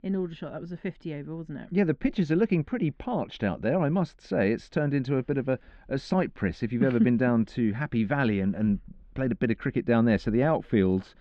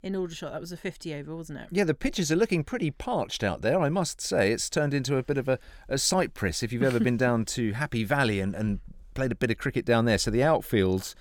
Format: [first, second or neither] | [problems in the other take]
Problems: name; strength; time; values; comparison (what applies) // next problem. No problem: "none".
second | muffled; very; fading above 3 kHz